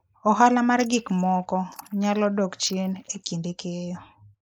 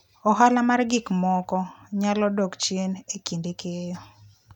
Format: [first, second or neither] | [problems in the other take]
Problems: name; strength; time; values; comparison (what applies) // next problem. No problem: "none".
second | noise reduction (neural mask model Resemble Enhance denoiser)